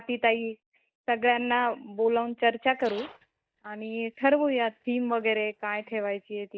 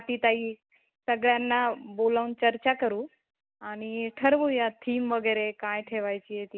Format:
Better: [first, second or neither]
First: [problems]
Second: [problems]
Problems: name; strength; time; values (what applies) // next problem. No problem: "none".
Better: second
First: noise reduction (neural mask model DeepFilterNet 3)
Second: none